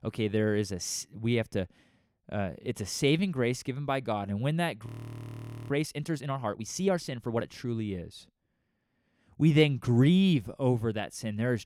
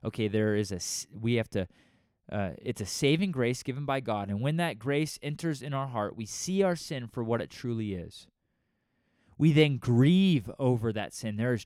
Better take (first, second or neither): second